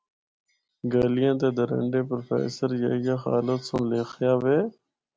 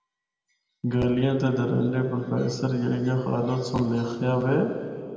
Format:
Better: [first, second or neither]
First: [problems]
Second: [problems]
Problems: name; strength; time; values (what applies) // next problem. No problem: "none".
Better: first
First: none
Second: room echo; dies away in 2.5 s